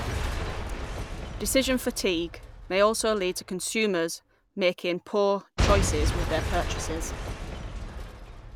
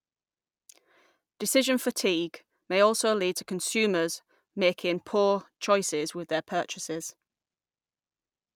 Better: second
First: background sound (Shatter / Crushing / Boom); 3 dB below the speech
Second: none

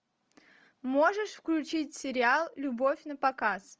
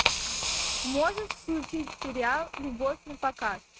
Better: first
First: none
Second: noise reduction (neural mask model RNNoise)

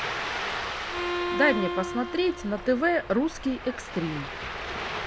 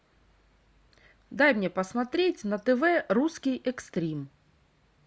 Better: second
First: background sound (Bowed string instrument + Ocean); 4 dB below the speech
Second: none

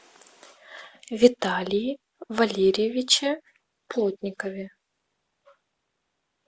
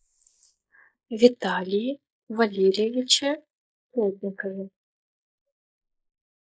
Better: first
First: none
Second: noise reduction (neural mask model Resemble Enhance denoiser)

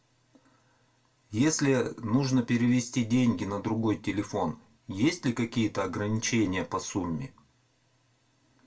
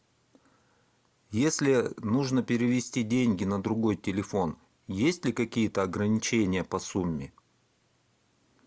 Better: second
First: room echo; dies away in 0.2 s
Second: none

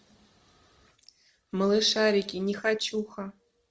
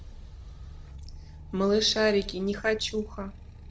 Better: first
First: none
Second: background sound (Motorcycle); 13 dB below the speech

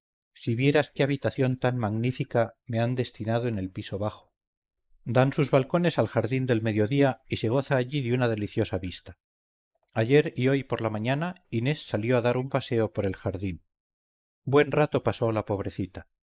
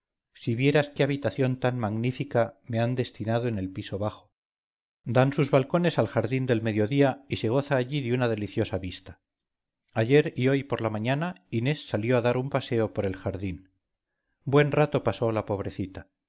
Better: second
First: noise reduction (neural mask model Resemble Enhance denoiser)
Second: none

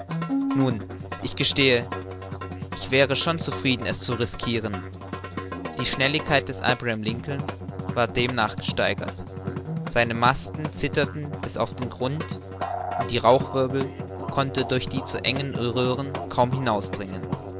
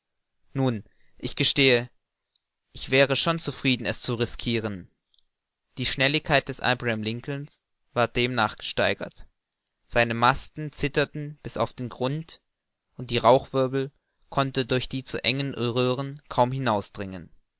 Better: second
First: background sound (Musical instrument); 6 dB below the speech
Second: none

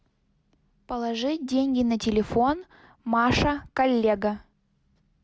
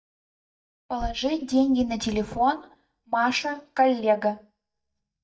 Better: first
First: none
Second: noise reduction (neural mask model DeepFilterNet 3)

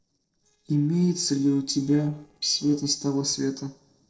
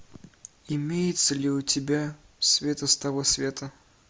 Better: second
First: noise reduction (neural separator model SepFormer DNS4)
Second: none

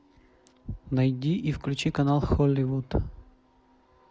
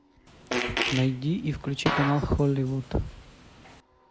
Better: first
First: none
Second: background sound (Fart); 5 dB below the speech

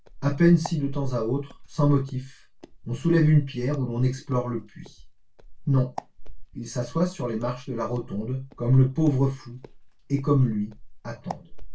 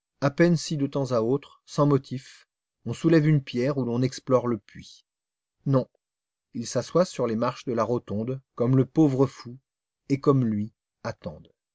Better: second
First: background sound (Walk, footsteps); 14 dB below the speech // room echo; dies away in 0.2 s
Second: none

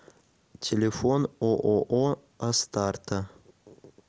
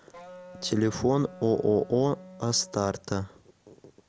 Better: first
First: none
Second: background sound (Wind instrument, woodwind instrument); 19 dB below the speech

